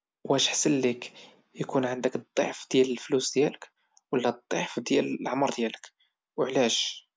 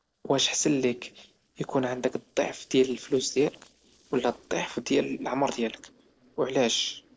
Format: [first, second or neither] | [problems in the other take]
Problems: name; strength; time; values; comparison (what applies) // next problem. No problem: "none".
first | noise reduction (neural separator model SepFormer DNS4)